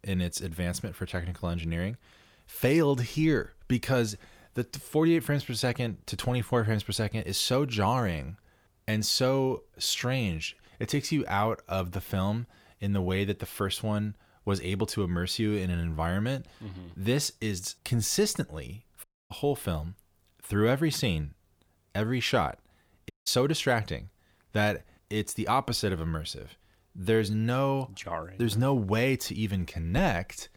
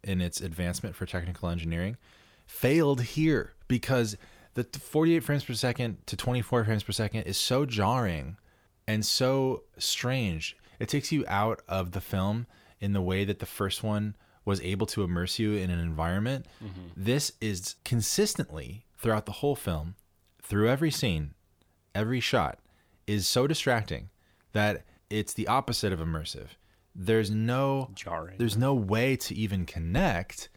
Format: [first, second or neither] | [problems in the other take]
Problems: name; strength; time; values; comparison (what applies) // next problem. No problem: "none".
second | audio cutting out; at 19 s and at 23 s